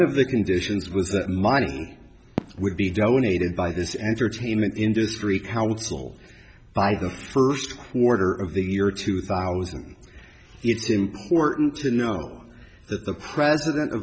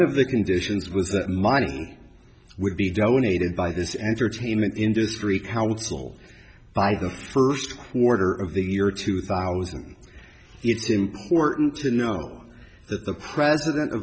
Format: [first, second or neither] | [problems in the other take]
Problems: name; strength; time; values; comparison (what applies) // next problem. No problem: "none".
second | background sound (Fireworks); 17 dB below the speech